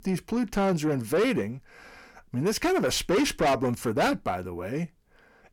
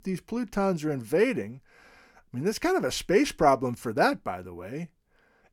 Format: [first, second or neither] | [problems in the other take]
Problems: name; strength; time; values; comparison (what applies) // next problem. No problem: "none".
second | distortion; heavy; 7 dB below the speech